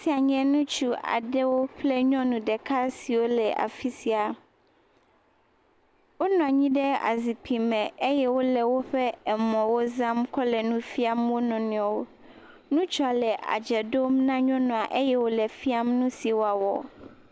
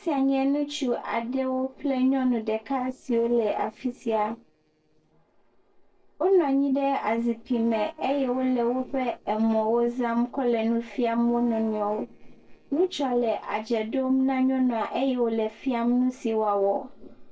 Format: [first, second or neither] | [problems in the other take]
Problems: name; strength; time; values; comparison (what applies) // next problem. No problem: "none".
first | noise reduction (neural separator model SepFormer DNS4)